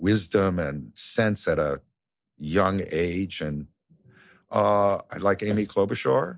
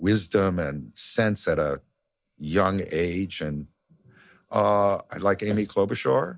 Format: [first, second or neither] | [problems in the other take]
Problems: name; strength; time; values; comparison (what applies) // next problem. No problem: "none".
first | noise reduction (neural mask model Resemble Enhance denoiser)